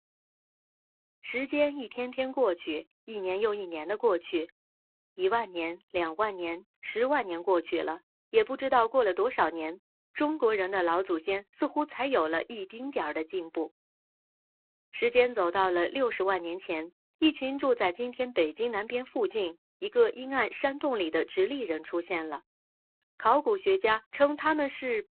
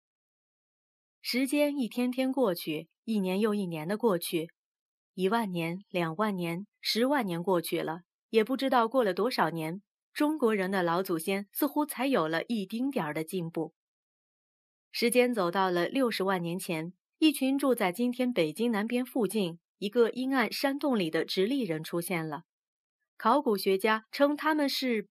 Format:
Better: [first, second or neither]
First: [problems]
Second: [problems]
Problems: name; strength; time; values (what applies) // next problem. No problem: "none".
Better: second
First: phone-call audio; poor line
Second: none